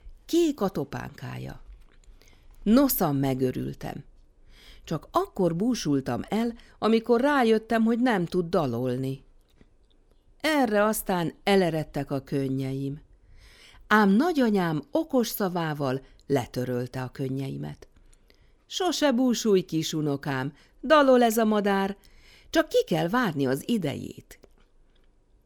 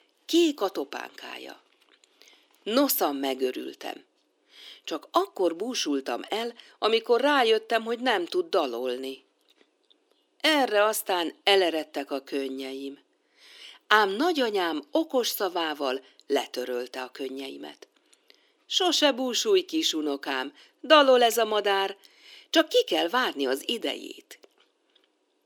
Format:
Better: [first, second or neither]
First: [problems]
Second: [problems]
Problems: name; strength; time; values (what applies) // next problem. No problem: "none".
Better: first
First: none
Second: thin; somewhat; fading below 300 Hz